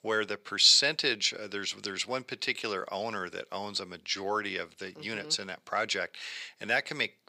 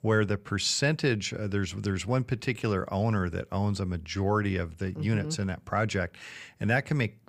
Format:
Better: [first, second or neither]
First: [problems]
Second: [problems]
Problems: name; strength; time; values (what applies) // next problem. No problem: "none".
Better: second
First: thin; very; fading below 400 Hz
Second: none